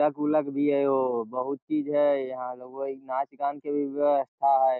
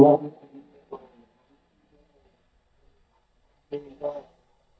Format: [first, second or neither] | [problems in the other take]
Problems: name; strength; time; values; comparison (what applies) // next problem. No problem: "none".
first | noise reduction (neural mask model DeepFilterNet 3)